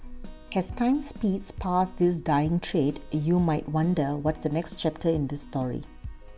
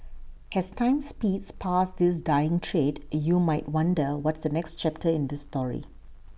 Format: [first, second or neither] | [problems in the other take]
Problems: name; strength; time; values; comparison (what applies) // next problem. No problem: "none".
second | background sound (Keyboard (musical)); 18 dB below the speech